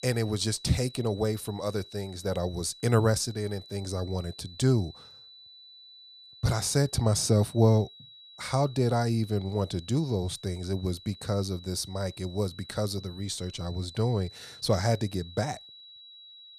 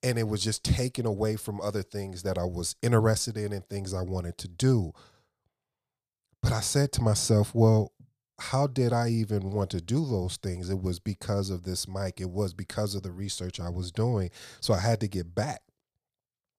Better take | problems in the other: second | high-pitched whine; noticeable; throughout; 4 kHz, 20 dB below the speech

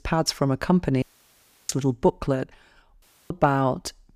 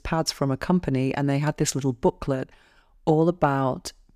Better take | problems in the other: second | audio cutting out; at 1 s for 0.5 s and at 3 s

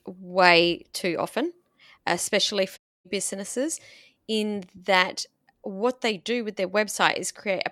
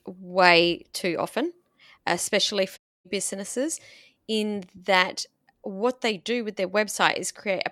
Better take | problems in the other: neither | audio cutting out; at 3 s; the same in both

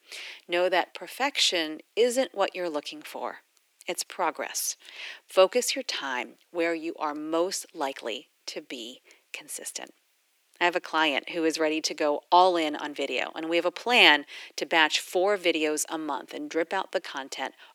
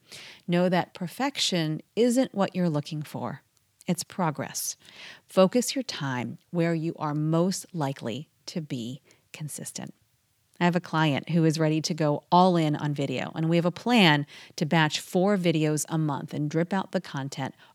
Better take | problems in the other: second | thin; very; fading below 350 Hz

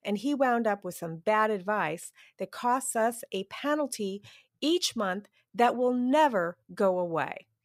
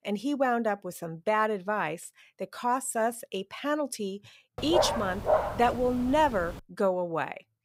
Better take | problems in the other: first | dog barking; loud; from 4.5 to 6.5 s; peak 2 dB above the speech

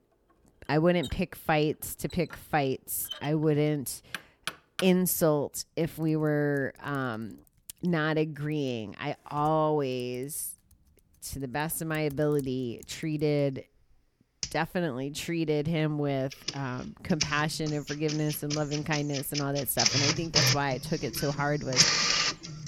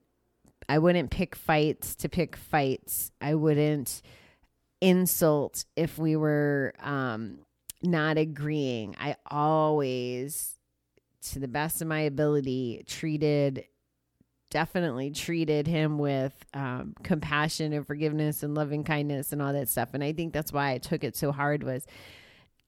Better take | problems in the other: second | household noises; very loud; throughout; as loud as the speech

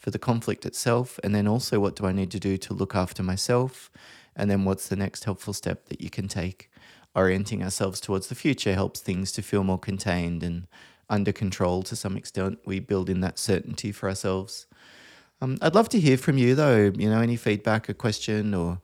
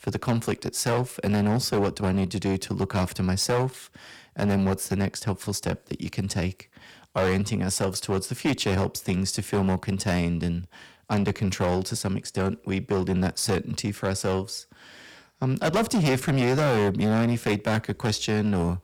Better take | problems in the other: first | distortion; heavy; 11% of the sound clipped

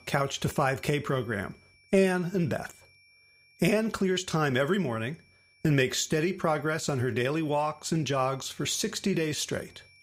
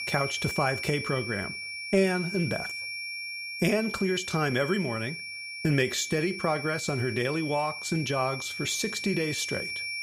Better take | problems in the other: first | high-pitched whine; loud; throughout; 2.5 kHz, 5 dB below the speech; faint in the first

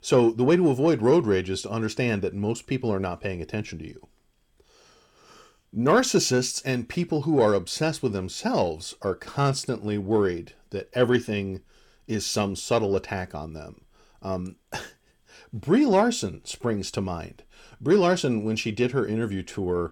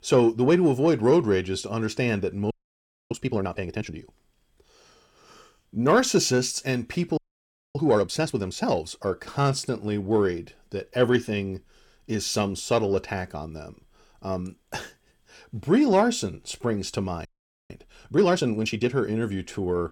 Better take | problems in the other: first | audio freezing; at 2.5 s for 0.5 s, at 7 s for 0.5 s and at 17 s

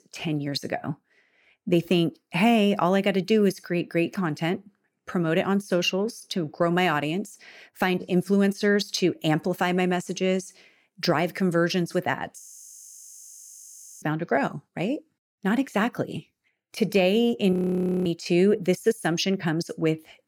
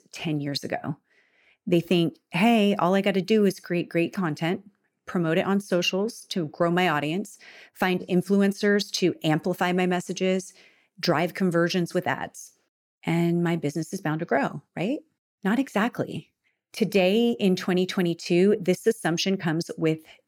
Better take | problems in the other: second | audio freezing; at 12 s for 1.5 s and at 18 s for 0.5 s

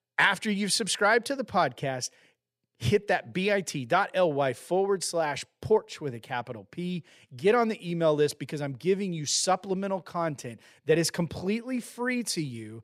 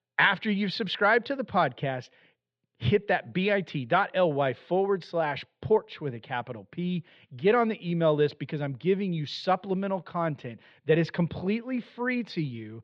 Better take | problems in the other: first | muffled; slightly; fading above 4 kHz

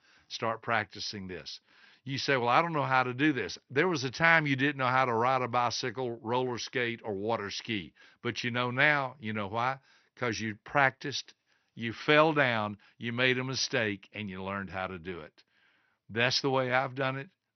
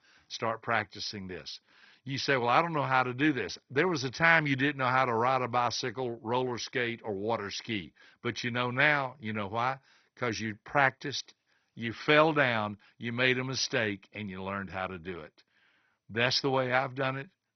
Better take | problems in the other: first | garbled, watery; badly; nothing above 6 kHz; slightly in the first

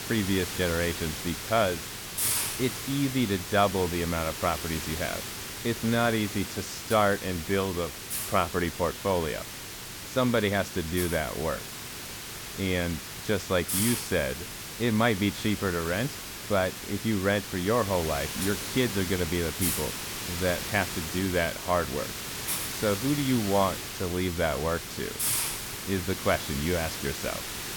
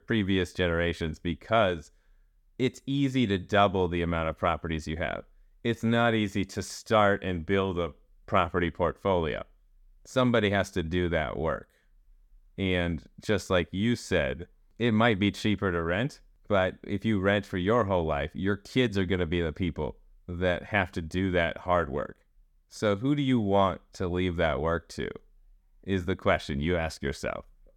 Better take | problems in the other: second | hiss; loud; throughout; 4 dB below the speech

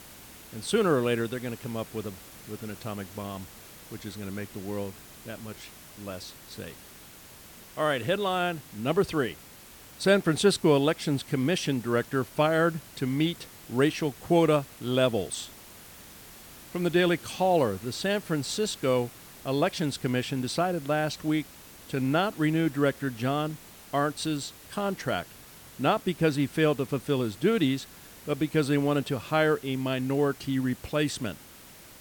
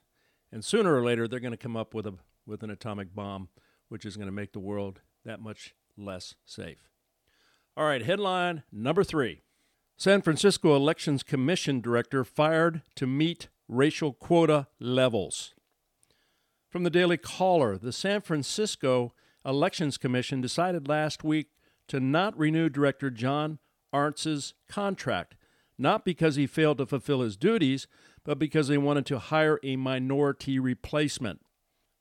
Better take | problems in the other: second | hiss; noticeable; throughout; 20 dB below the speech

